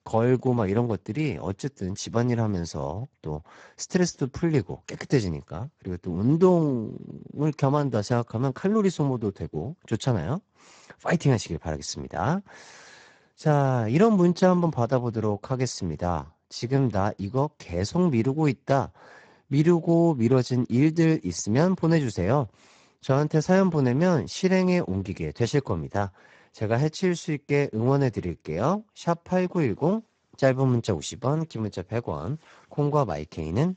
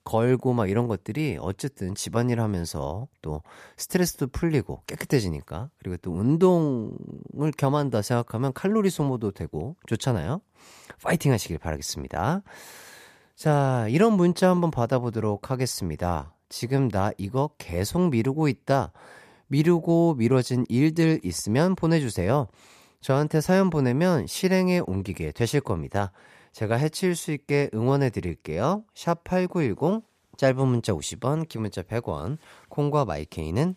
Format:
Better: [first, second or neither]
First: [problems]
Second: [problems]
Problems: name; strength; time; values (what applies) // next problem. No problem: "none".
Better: second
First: garbled, watery; badly; nothing above 7.5 kHz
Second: none